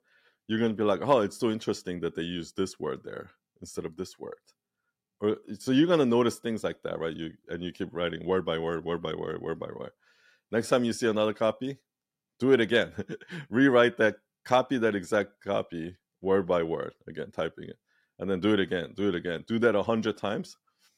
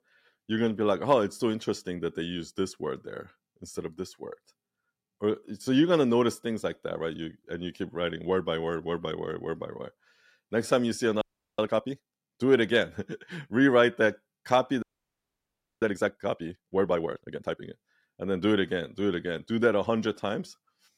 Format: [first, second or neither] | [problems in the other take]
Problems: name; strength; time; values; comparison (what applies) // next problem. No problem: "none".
first | audio freezing; at 11 s and at 15 s for 1 s